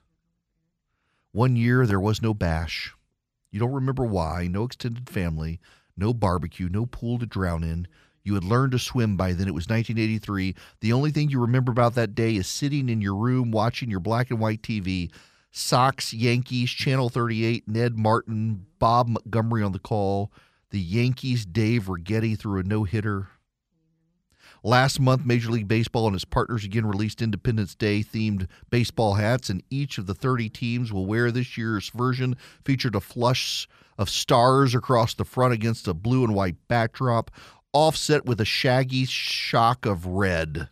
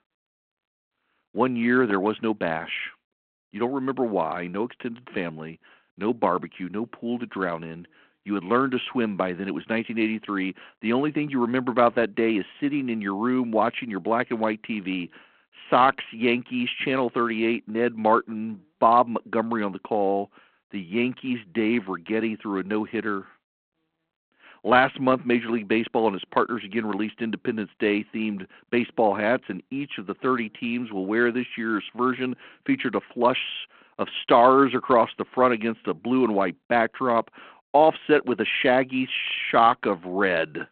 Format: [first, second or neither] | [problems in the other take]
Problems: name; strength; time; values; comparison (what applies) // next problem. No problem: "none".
first | phone-call audio